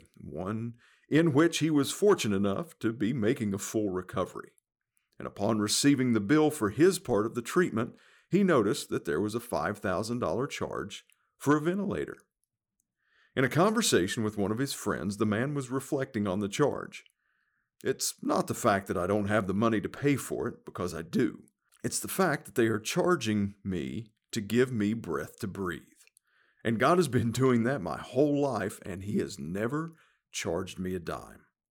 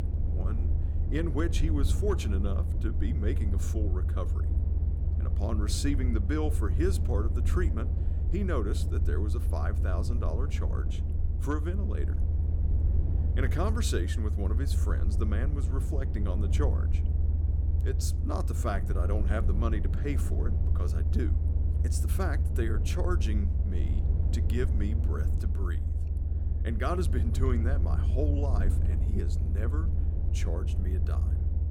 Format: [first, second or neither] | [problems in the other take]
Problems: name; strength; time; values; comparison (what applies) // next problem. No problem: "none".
first | low rumble; loud; throughout; 7 dB below the speech